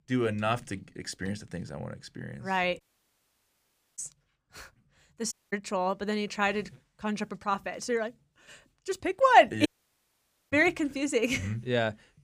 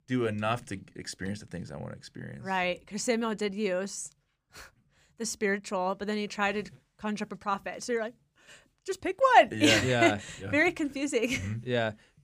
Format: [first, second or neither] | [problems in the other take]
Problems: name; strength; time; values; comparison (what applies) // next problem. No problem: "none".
second | audio cutting out; at 3 s for 1 s, at 5.5 s and at 9.5 s for 1 s